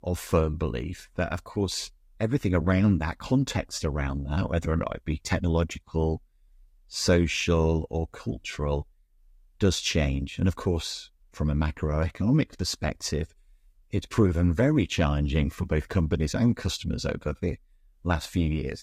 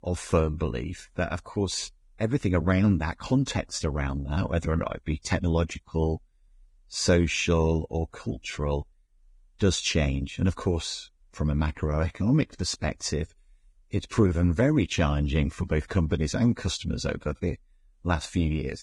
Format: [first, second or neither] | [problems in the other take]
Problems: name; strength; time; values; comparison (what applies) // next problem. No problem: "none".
first | garbled, watery; badly; slightly in the first